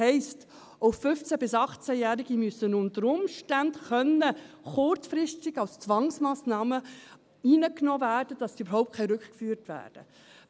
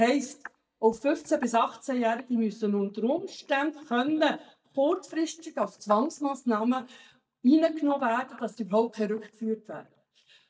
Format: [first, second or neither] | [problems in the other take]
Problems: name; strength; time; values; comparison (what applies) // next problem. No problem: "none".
first | noise reduction (neural mask model DeepFilterNet 3)